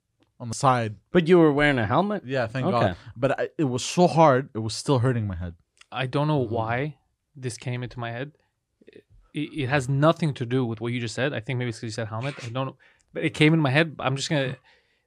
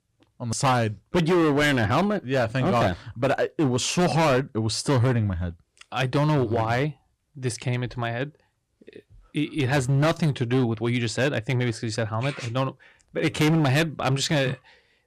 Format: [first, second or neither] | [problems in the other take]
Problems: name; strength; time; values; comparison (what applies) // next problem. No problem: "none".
first | distortion; heavy; 10% of the sound clipped